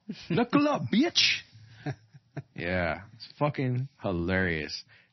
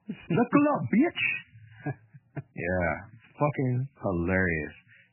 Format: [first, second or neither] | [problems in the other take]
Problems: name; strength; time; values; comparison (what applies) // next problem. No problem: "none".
first | garbled, watery; badly; nothing above 2.5 kHz; slightly in the first